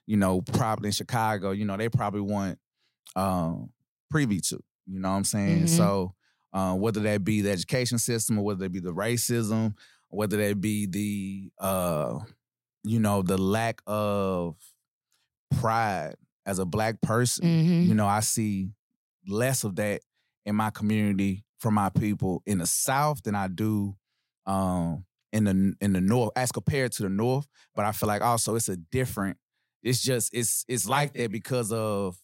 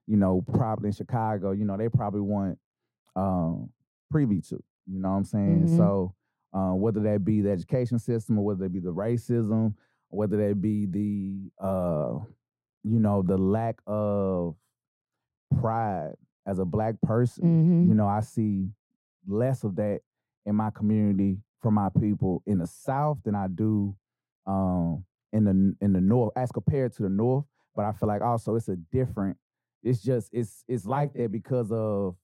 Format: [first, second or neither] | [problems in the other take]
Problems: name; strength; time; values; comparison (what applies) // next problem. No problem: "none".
first | muffled; very; fading above 1.5 kHz